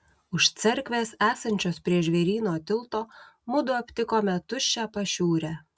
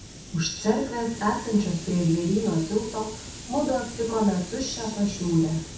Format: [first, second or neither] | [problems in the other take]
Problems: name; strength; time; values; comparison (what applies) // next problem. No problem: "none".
first | background sound (Hiss); 13 dB below the speech // room echo; dies away in 0.7 s